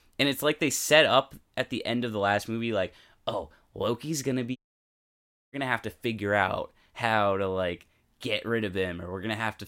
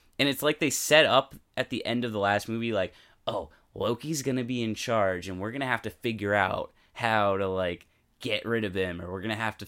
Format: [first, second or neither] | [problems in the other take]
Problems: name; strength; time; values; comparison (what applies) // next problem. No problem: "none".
second | audio cutting out; at 4.5 s for 1 s